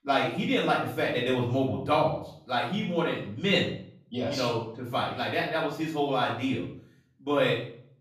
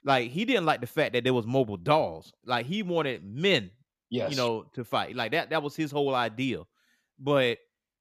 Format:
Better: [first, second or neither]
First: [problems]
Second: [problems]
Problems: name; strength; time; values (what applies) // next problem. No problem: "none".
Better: second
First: off-mic speech; far // room echo; noticeable; dies away in 0.5 s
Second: none